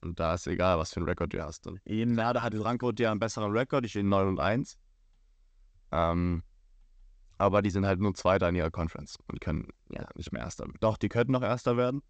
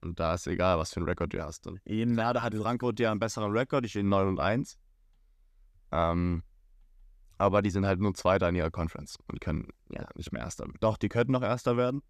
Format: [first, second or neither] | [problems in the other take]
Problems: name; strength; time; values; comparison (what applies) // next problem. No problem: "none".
second | garbled, watery; slightly; nothing above 8 kHz